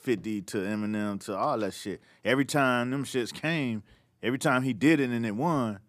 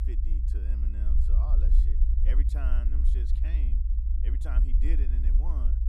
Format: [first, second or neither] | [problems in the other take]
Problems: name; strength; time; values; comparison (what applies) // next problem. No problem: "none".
first | low rumble; loud; throughout; 1 dB below the speech